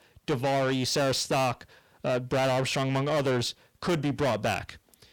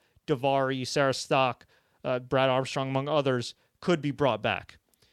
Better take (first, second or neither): second